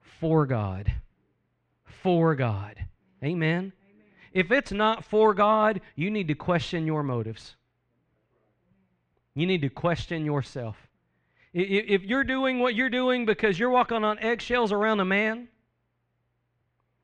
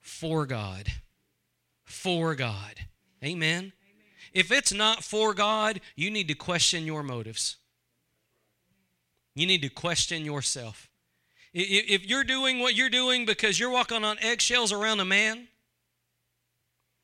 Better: second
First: muffled; very; fading above 4 kHz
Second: none

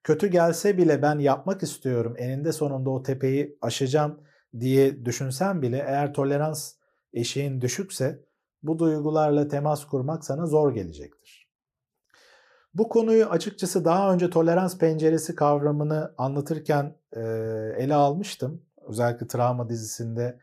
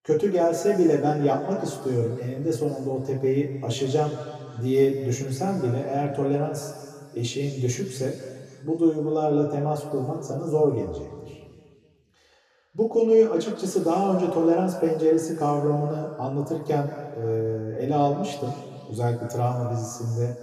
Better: first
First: none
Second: room echo; noticeable; dies away in 2.2 s // off-mic speech; somewhat distant

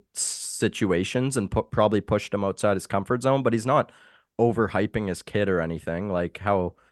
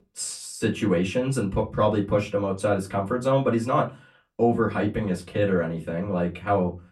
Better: first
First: none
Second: off-mic speech; far // room echo; very slight; dies away in 0.2 s

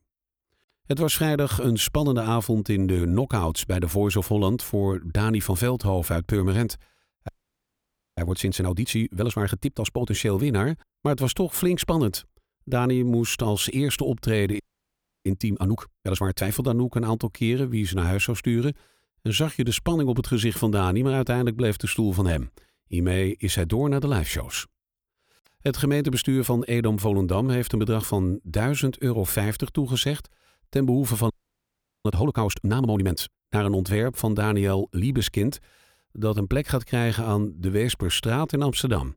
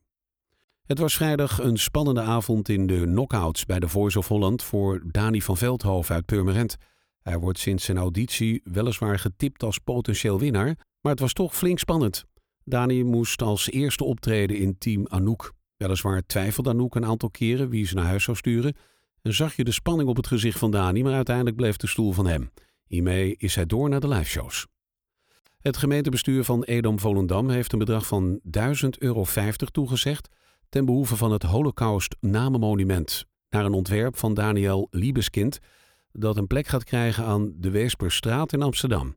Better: second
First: audio freezing; at 7.5 s for 1 s, at 15 s for 0.5 s and at 31 s for 0.5 s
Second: none

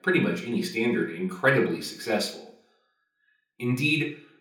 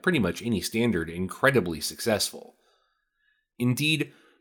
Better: second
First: room echo; slight; dies away in 0.4 s // off-mic speech; somewhat distant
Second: none

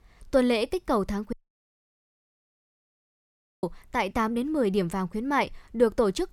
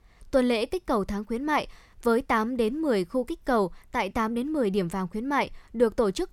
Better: second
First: audio cutting out; at 1.5 s for 2.5 s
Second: none

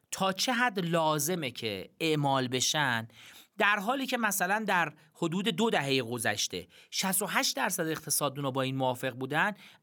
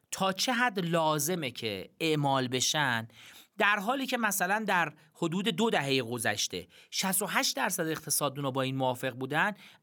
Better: neither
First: none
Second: none

